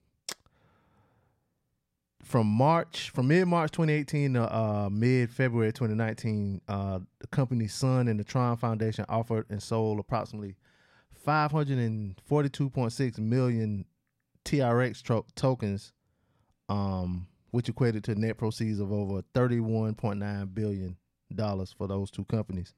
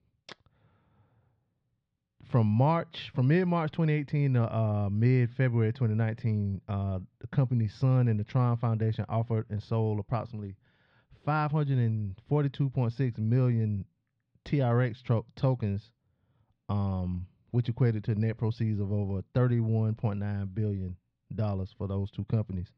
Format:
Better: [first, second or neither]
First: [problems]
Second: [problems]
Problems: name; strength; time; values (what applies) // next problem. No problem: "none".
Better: first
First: none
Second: muffled; slightly; fading above 4 kHz